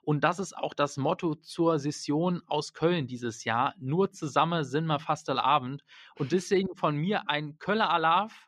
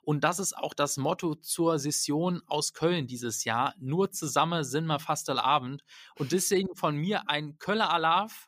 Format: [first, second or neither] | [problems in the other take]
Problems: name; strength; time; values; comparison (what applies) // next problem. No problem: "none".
second | muffled; slightly; fading above 3.5 kHz